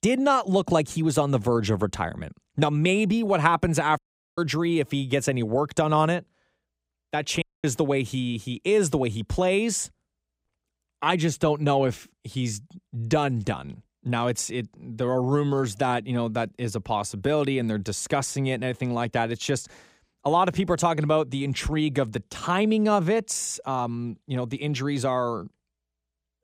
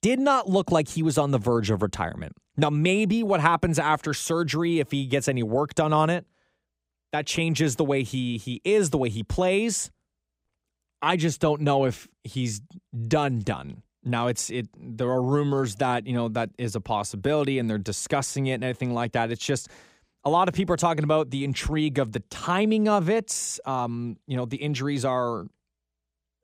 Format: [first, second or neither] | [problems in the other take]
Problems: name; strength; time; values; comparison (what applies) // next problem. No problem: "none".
second | audio cutting out; at 4 s and at 7.5 s